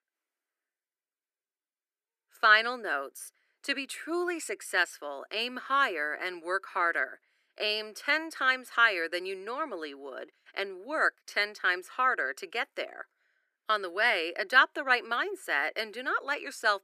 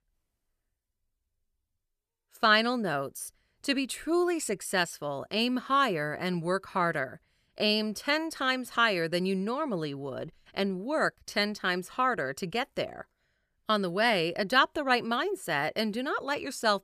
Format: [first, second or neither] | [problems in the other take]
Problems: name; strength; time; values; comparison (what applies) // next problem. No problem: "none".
second | thin; very; fading below 300 Hz